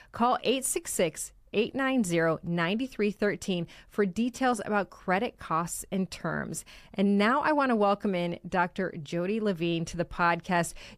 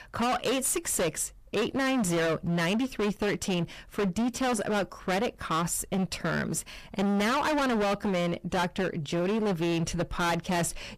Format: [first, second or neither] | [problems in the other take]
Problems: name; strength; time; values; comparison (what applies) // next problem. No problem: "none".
first | distortion; heavy; 27% of the sound clipped